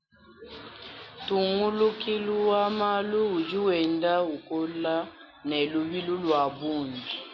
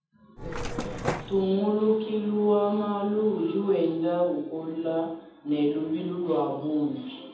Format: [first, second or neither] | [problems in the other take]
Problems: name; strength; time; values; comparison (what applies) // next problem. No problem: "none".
first | background sound (Mechanisms); 5 dB below the speech // room echo; dies away in 0.8 s